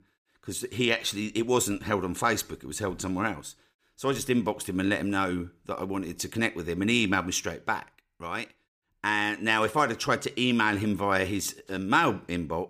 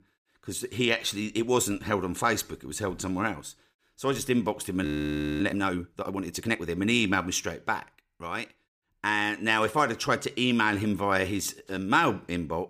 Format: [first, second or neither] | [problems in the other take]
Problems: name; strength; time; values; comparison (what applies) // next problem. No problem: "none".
first | audio freezing; at 5 s for 0.5 s